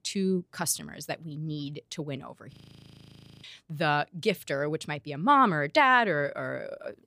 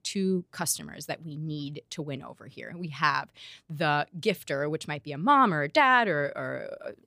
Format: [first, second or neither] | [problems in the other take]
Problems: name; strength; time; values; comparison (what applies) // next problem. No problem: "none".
second | audio freezing; at 2.5 s for 1 s